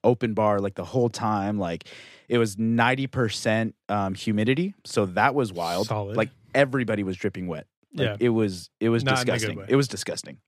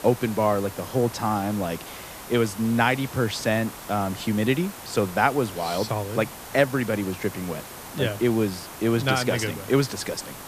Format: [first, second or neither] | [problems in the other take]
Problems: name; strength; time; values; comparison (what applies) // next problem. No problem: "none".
first | hiss; noticeable; throughout; 15 dB below the speech